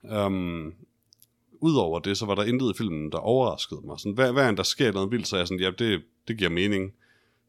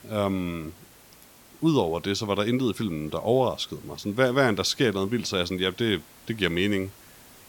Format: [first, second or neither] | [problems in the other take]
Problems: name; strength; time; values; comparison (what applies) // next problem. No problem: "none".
first | hiss; faint; throughout; 25 dB below the speech